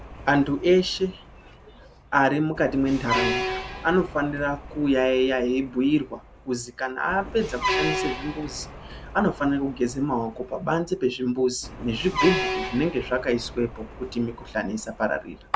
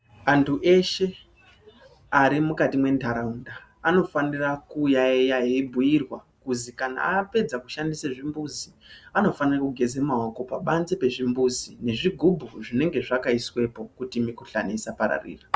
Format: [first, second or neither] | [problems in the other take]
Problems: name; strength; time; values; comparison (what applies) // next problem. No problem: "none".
second | background sound (Truck); 8 dB below the speech